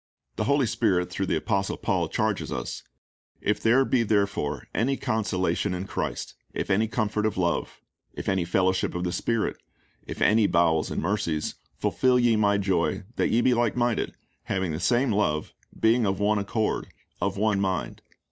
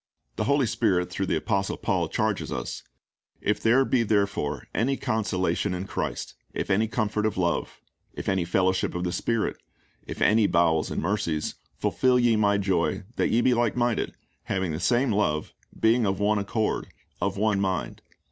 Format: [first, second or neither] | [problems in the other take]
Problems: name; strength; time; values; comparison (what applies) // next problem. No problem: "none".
second | noise reduction (neural mask model Resemble Enhance denoiser)